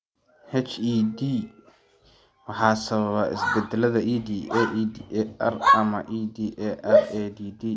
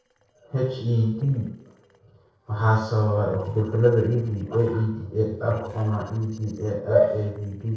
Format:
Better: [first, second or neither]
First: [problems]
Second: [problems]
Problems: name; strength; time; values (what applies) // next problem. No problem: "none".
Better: first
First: none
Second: noise reduction (neural separator model SepFormer DNS4)